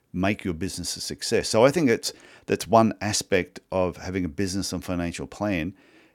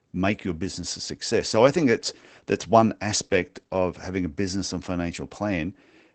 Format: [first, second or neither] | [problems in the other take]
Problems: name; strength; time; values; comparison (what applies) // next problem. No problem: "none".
first | garbled, watery; badly; nothing above 8 kHz